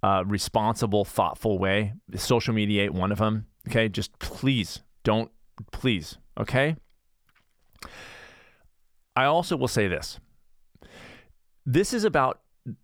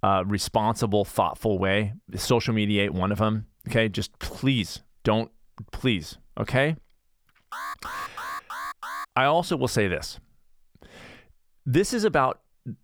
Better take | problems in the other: first | alarm; noticeable; from 7.5 to 9 s; peak 9 dB below the speech

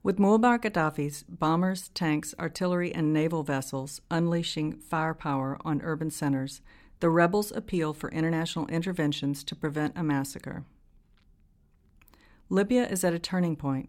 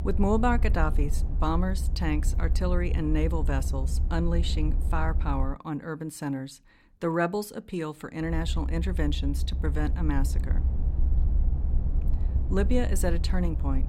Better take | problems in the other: first | low rumble; noticeable; until 5.5 s and from 8.5 s on; 15 dB below the speech

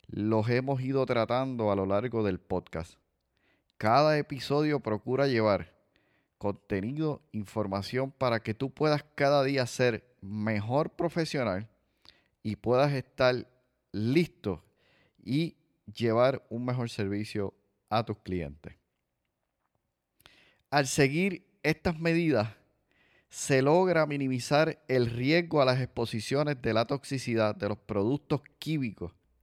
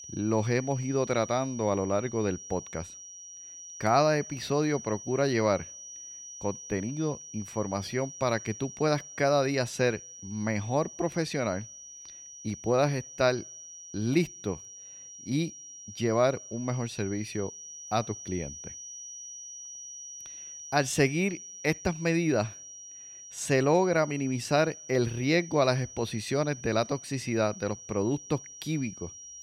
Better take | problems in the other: first | high-pitched whine; noticeable; throughout; 6 kHz, 15 dB below the speech

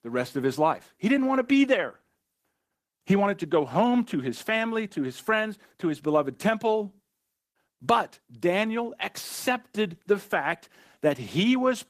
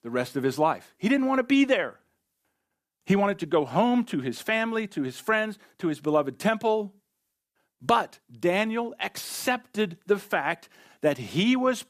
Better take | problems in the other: second | garbled, watery; slightly; nothing above 14.5 kHz

